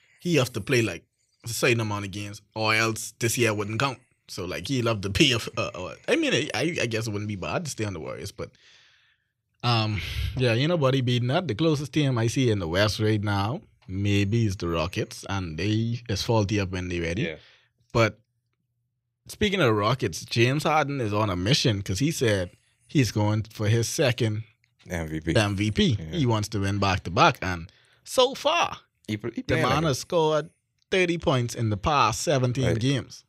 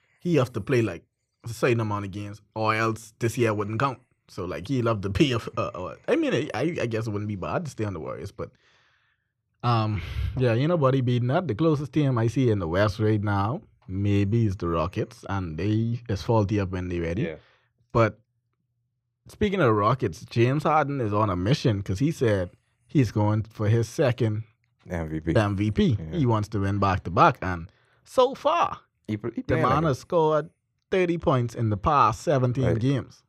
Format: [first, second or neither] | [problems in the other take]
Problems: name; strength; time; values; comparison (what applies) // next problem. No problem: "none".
first | muffled; slightly; fading above 2 kHz